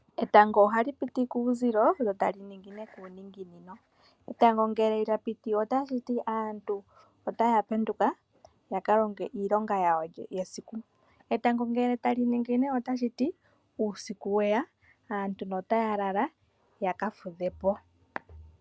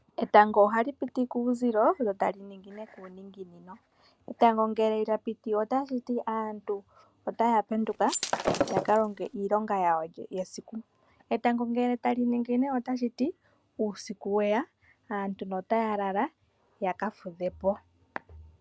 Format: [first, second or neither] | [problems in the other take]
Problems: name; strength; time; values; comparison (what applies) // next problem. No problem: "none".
first | background sound (Shatter); 3 dB below the speech